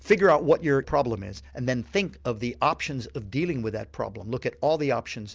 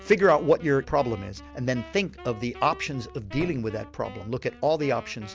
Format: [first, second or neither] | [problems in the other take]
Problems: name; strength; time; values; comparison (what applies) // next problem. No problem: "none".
first | background sound (Thump, thud + Wind instrument, woodwind instrument); 18 dB below the speech